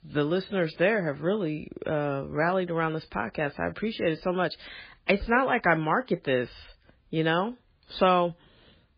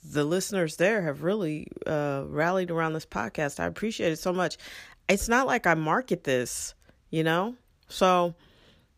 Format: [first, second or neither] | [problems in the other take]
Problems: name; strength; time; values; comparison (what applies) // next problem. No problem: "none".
second | garbled, watery; badly; nothing above 4.5 kHz